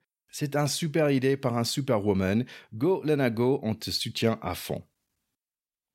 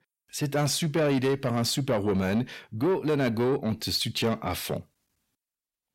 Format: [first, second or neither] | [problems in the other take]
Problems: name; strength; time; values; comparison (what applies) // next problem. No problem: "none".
first | distortion; slight; 10 dB below the speech